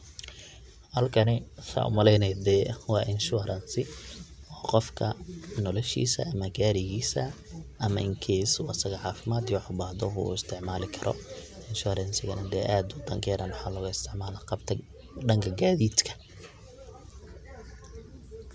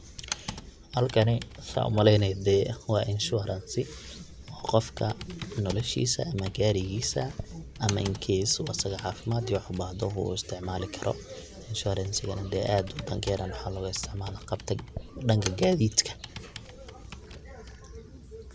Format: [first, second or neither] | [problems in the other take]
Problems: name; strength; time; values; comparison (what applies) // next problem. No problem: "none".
first | background sound (Computer keyboard); 15 dB below the speech